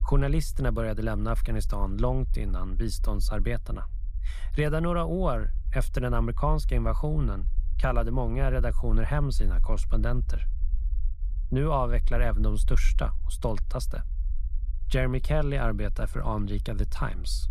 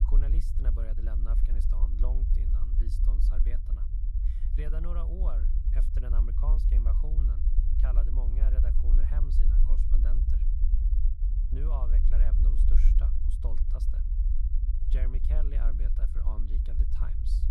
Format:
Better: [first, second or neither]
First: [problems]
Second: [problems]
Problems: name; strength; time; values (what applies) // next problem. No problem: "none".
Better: first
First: low rumble; faint; throughout; 25 dB below the speech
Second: low rumble; loud; throughout; 2 dB below the speech